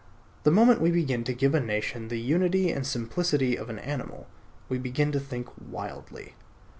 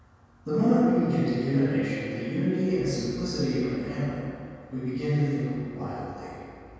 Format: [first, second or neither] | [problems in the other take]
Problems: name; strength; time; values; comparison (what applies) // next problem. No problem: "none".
first | room echo; dies away in 2.1 s